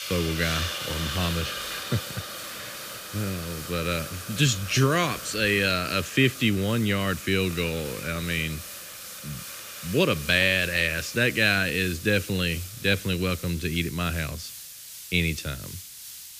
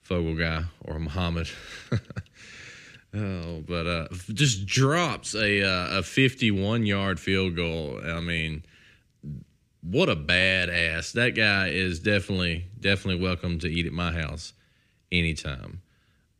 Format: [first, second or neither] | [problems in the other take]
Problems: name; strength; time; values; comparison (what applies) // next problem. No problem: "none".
second | hiss; noticeable; throughout; 10 dB below the speech